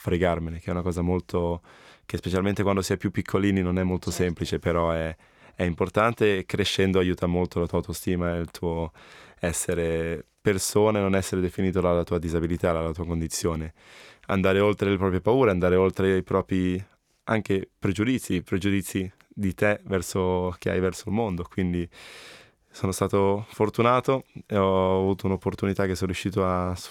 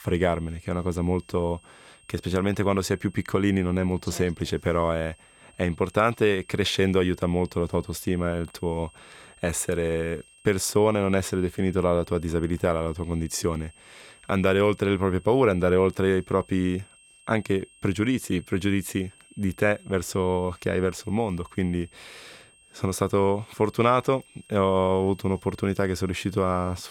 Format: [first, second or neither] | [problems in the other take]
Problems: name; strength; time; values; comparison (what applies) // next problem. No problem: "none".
first | high-pitched whine; faint; throughout; 8.5 kHz, 30 dB below the speech